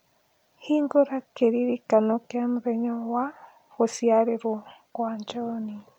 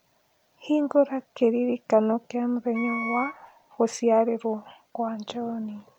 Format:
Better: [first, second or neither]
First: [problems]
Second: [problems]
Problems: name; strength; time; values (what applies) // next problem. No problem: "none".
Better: first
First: none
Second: background sound (Wind instrument, woodwind instrument); 9 dB below the speech